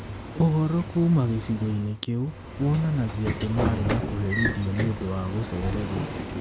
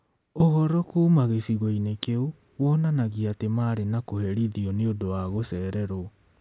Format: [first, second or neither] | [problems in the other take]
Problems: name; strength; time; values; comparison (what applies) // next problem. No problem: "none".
second | background sound (Sliding door / Train); 5 dB below the speech